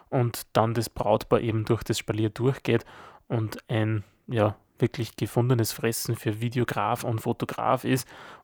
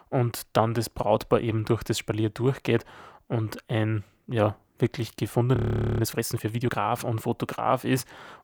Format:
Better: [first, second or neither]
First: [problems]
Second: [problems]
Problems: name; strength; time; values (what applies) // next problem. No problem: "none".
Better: first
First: none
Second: audio freezing; at 5.5 s